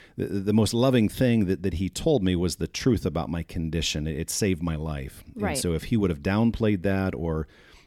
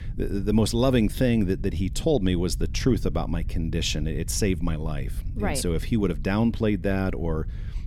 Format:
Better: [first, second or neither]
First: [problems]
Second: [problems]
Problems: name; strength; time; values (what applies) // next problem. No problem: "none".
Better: first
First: none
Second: low rumble; faint; throughout; 20 dB below the speech